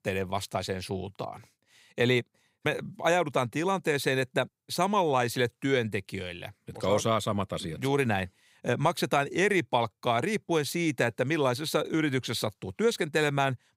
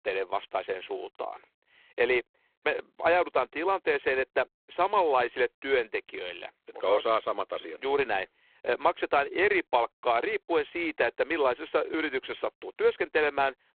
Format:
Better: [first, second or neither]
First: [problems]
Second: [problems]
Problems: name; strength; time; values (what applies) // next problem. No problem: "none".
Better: first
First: none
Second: phone-call audio; poor line; nothing above 3.5 kHz